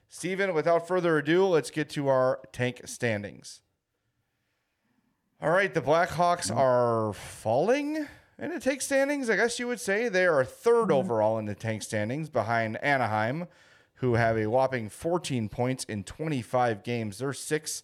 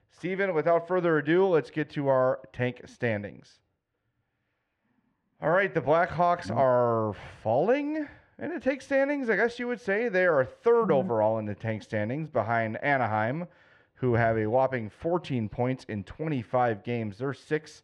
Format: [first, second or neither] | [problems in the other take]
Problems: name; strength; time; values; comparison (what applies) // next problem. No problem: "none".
first | muffled; slightly; fading above 2.5 kHz